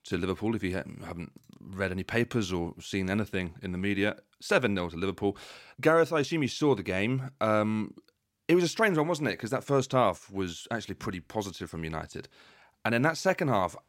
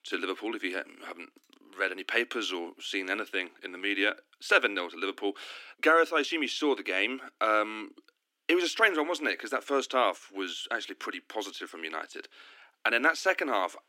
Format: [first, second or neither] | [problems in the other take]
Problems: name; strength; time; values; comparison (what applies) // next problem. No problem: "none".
first | thin; somewhat; fading below 250 Hz